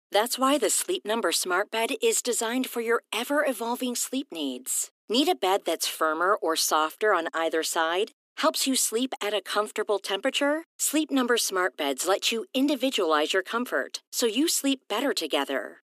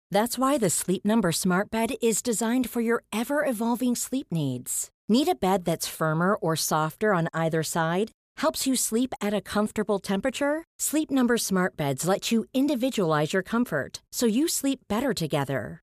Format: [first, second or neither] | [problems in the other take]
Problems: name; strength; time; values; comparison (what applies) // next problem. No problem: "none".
second | thin; very slightly; fading below 250 Hz